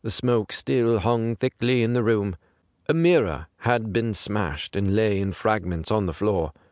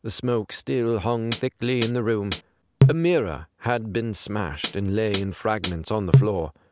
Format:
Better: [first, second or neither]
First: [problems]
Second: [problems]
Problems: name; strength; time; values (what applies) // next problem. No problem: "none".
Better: first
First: none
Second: background sound (Hi-hat); 1 dB above the speech